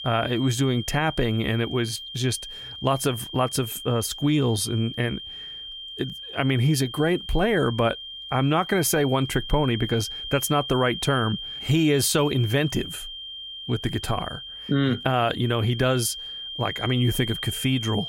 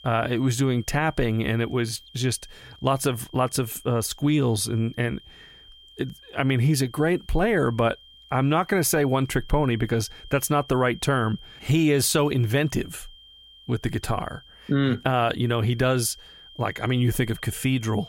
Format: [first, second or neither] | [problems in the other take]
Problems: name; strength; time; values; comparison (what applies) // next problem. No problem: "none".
second | high-pitched whine; loud; throughout; 3 kHz, 9 dB below the speech; faint in the second